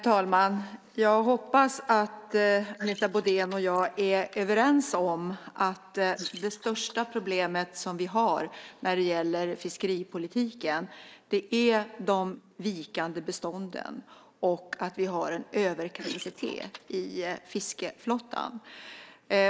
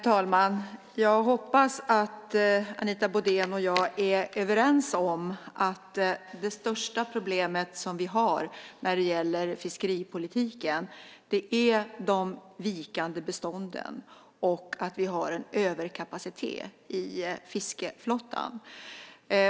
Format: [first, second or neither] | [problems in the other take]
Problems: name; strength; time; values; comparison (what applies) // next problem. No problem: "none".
second | noise reduction (neural mask model Resemble Enhance denoiser)